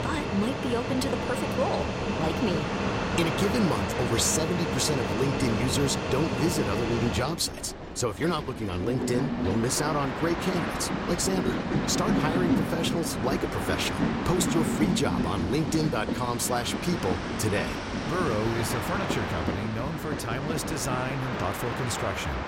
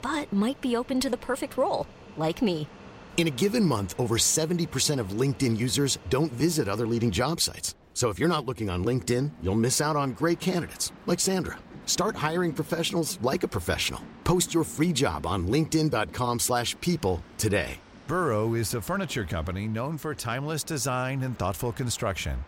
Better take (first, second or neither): second